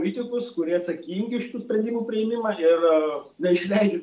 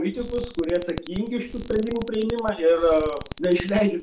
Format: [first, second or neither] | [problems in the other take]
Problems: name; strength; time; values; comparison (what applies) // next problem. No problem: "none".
first | background sound (Alarm); 13 dB below the speech